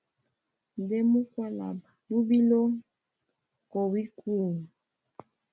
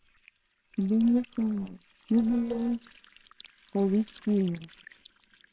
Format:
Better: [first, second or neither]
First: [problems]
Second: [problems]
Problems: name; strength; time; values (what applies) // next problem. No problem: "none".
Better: first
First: none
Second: noise reduction (neural separator model SepFormer WHAMR!)